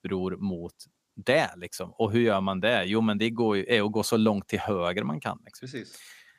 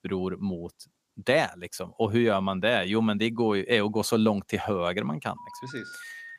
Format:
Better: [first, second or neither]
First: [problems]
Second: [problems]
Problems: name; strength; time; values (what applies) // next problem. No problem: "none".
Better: first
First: none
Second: phone ringing; faint; from 5.5 s on; peak 15 dB below the speech